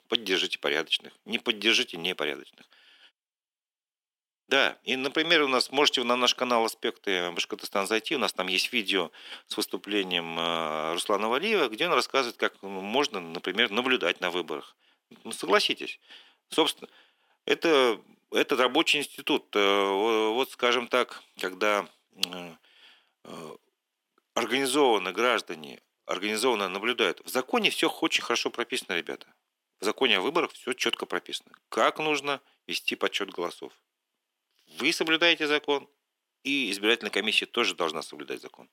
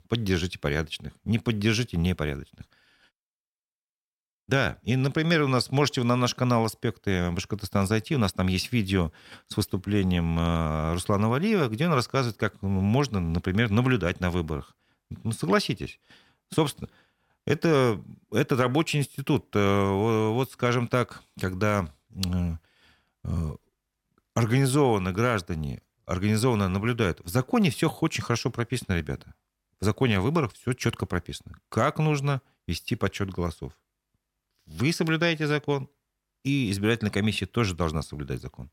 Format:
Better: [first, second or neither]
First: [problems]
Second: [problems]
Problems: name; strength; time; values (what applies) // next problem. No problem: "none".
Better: second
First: thin; somewhat; fading below 300 Hz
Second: none